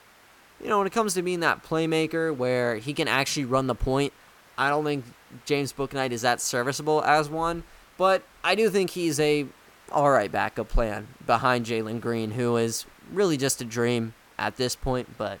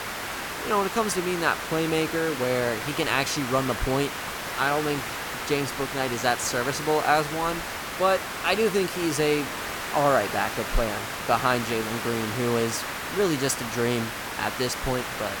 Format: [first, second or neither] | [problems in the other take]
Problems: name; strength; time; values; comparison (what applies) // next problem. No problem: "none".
first | hiss; loud; throughout; 5 dB below the speech; faint in the first